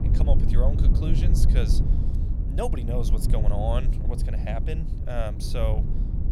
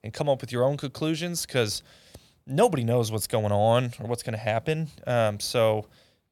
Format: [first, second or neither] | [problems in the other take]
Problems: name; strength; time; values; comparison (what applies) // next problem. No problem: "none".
second | wind noise on the microphone; heavy; 5 dB below the speech